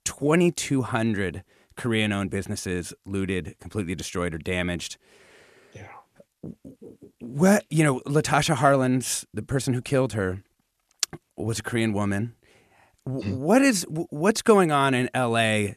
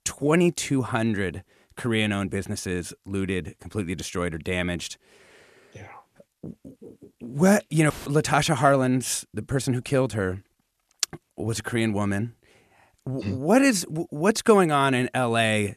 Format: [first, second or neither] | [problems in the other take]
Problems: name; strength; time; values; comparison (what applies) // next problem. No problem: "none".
first | audio cutting out; filled with static; at 8 s